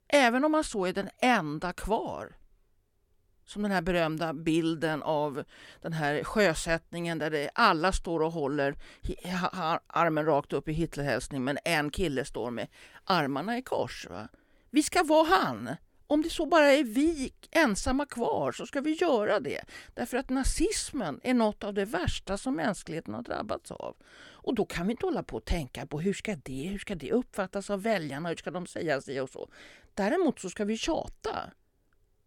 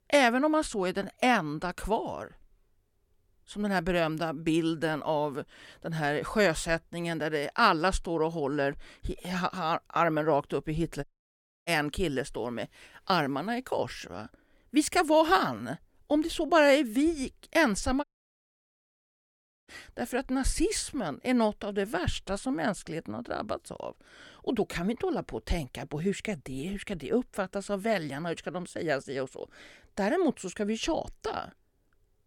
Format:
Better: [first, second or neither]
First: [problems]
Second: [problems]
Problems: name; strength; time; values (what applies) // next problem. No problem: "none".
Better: first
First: none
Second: audio cutting out; at 11 s for 0.5 s and at 18 s for 1.5 s